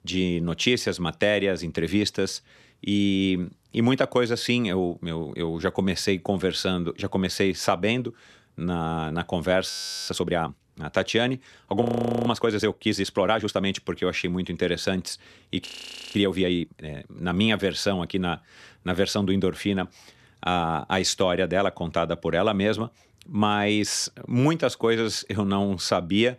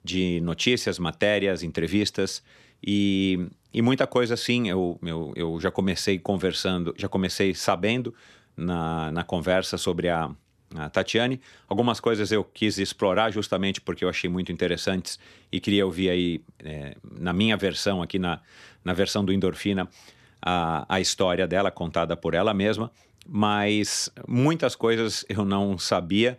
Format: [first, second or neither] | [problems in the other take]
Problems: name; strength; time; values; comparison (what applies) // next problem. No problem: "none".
second | audio freezing; at 9.5 s, at 12 s and at 16 s